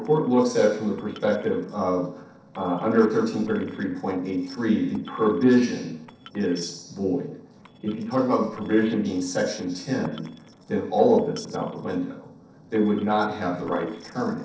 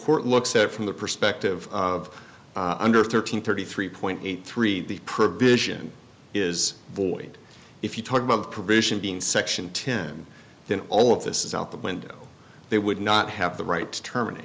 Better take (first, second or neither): second